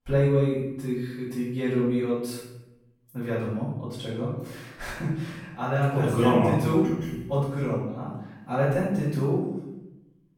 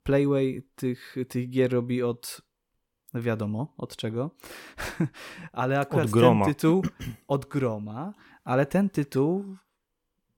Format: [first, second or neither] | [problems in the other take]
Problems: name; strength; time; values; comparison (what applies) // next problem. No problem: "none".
second | off-mic speech; far // room echo; noticeable; dies away in 0.8 s